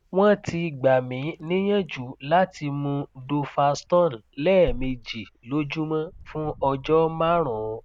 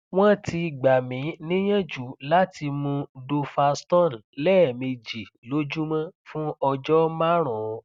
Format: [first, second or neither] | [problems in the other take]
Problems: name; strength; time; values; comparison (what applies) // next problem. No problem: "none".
second | background sound (Wind); 17 dB below the speech